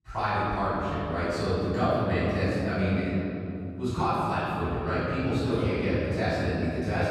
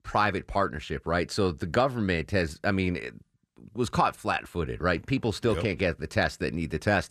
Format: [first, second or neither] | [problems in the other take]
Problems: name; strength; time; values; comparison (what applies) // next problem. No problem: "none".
second | off-mic speech; far // room echo; strong; dies away in 3 s